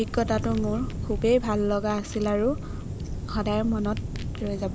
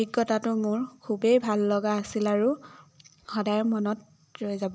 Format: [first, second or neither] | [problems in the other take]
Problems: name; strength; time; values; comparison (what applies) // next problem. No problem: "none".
second | background sound (Fire); 5 dB below the speech